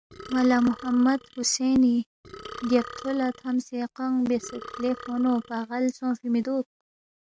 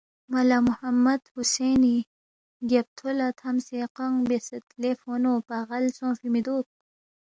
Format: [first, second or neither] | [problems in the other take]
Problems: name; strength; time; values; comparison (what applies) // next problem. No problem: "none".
second | noise reduction (neural mask model RNNoise)